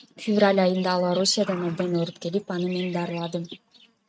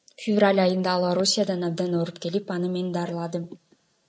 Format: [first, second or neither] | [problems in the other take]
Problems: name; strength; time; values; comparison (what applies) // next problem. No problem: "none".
second | noise reduction (neural mask model RNNoise)